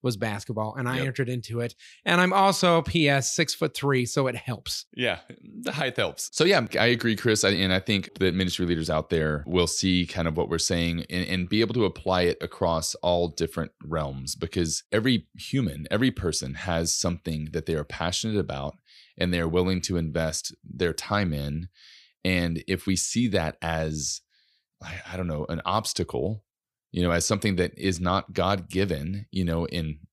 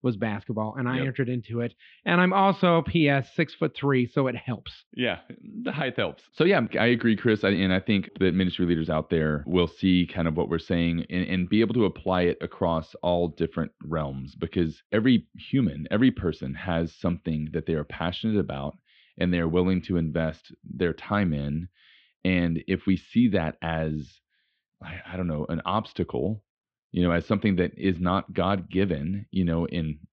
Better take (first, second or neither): first